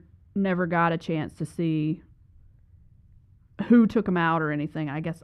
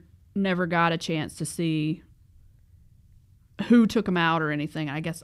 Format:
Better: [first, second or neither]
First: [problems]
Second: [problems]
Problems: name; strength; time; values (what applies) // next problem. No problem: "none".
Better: second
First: muffled; slightly; fading above 3 kHz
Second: none